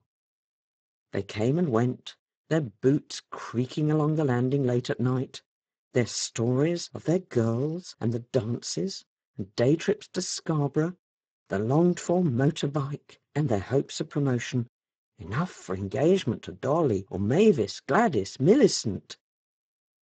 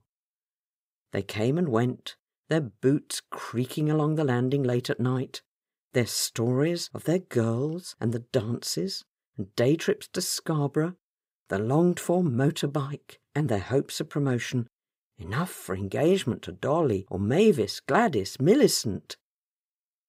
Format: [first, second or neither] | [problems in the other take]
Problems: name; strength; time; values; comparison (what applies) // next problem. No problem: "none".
second | garbled, watery; badly; nothing above 7.5 kHz